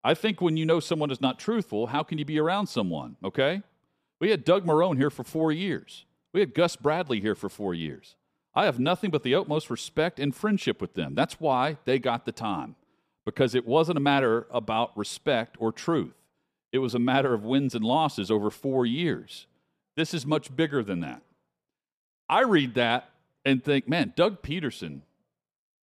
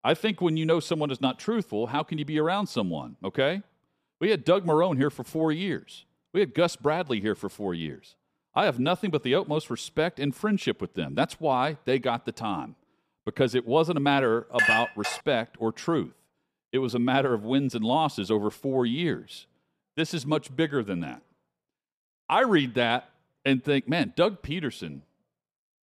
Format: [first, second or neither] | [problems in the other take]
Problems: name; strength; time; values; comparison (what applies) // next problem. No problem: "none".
first | clattering dishes; loud; at 15 s; peak 5 dB above the speech